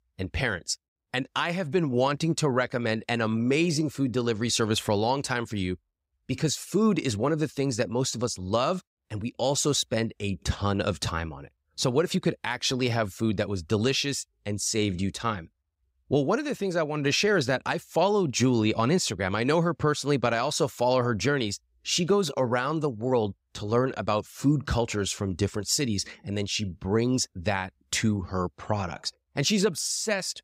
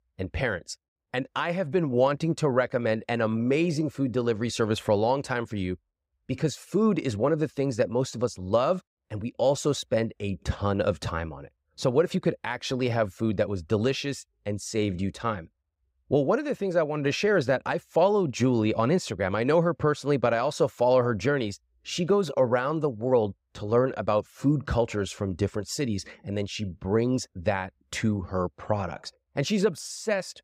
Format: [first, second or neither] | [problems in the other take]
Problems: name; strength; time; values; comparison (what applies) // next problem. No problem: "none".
first | muffled; slightly; fading above 3 kHz